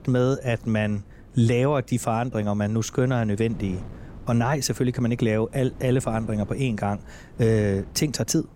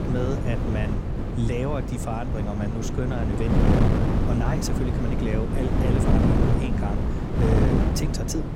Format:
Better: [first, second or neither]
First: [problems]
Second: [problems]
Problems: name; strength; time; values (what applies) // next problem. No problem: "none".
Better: first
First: wind noise on the microphone; occasional gusts; 25 dB below the speech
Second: wind noise on the microphone; heavy; 2 dB above the speech